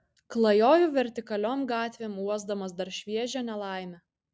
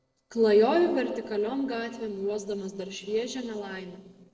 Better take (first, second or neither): first